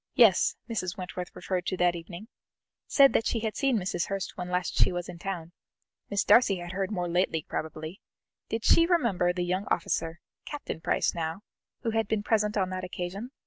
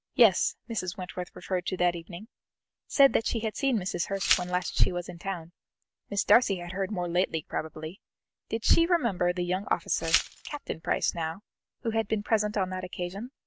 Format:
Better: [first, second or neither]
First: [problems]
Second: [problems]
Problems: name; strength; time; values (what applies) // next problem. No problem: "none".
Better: first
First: none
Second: background sound (Glass); 5 dB below the speech